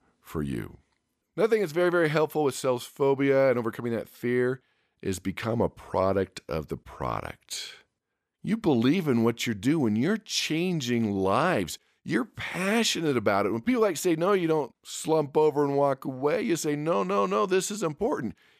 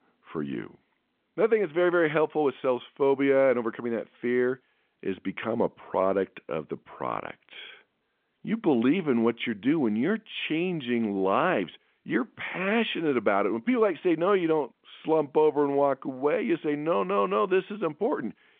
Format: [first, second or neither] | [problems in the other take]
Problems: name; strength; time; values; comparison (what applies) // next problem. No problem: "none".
first | phone-call audio; nothing above 3.5 kHz